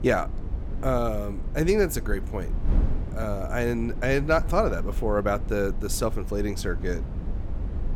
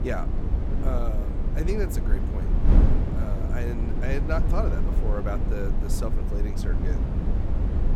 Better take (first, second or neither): first